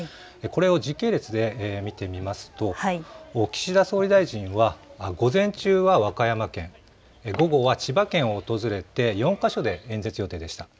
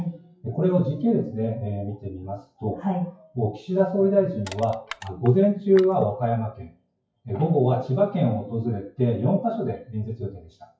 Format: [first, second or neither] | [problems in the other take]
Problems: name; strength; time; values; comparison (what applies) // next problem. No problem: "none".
first | noise reduction (classical method WPE with log-MMSE)